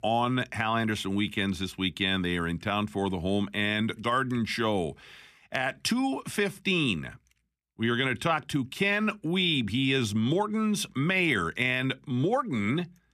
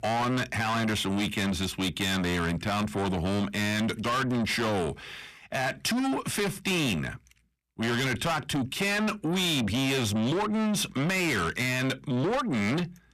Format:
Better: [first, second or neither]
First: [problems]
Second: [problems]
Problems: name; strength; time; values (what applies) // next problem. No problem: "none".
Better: first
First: none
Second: distortion; heavy; 7 dB below the speech